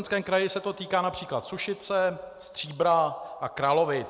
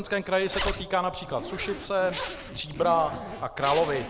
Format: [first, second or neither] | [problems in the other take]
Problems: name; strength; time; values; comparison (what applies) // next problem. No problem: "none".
first | background sound (Zipper (clothing)); 9 dB below the speech